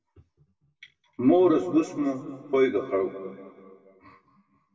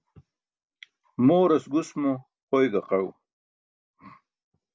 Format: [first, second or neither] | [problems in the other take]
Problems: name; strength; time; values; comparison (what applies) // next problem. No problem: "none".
second | room echo; dies away in 1.9 s